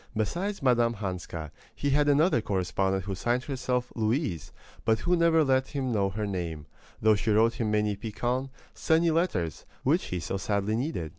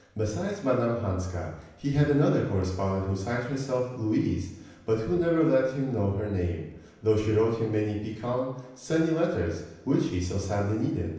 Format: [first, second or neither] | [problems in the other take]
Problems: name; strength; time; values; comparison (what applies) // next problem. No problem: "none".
first | room echo; dies away in 0.9 s